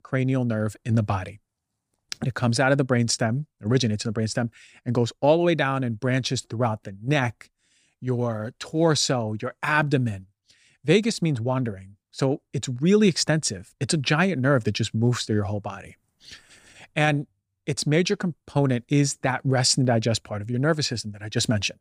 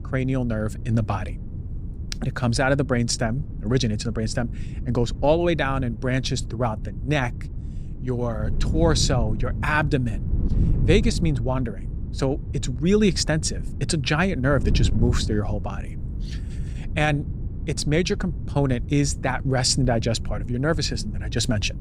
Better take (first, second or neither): first